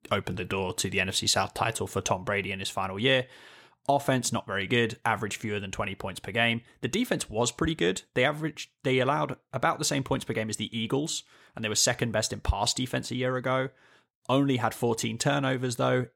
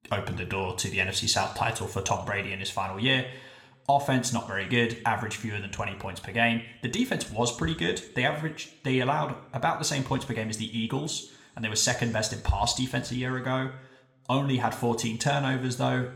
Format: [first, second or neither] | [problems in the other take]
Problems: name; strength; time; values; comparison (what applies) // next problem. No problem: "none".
first | room echo; very slight; dies away in 0.5 s